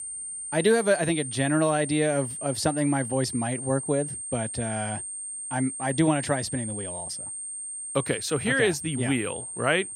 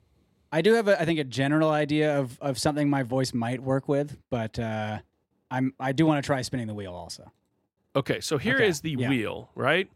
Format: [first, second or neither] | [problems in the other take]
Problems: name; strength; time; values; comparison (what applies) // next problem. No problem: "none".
second | high-pitched whine; loud; throughout; 8.5 kHz, 6 dB below the speech